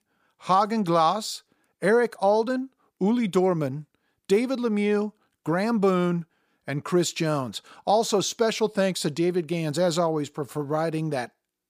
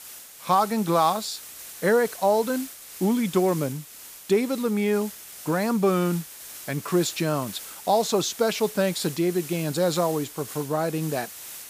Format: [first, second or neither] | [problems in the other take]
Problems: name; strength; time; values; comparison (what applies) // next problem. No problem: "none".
first | hiss; noticeable; throughout; 15 dB below the speech